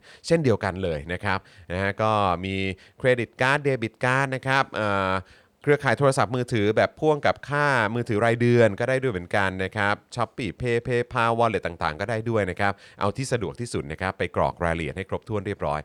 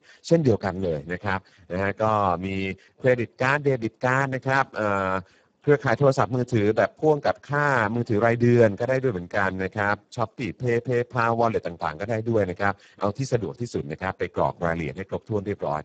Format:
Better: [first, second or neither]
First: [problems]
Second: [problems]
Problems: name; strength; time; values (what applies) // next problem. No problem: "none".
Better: first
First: none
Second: garbled, watery; badly; nothing above 7.5 kHz